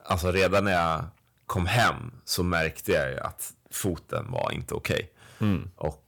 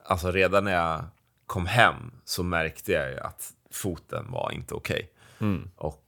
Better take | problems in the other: second | distortion; heavy; 4% of the sound clipped

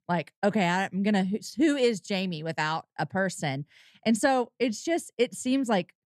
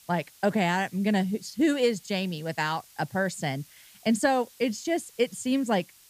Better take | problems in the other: first | hiss; faint; throughout; 25 dB below the speech

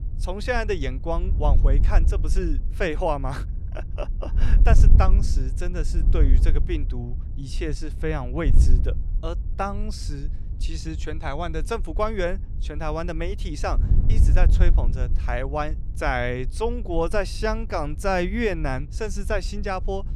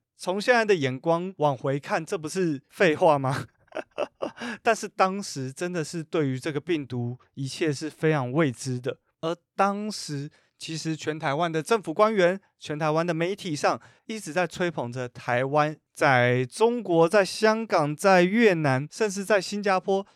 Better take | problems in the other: second | wind noise on the microphone; occasional gusts; 15 dB below the speech

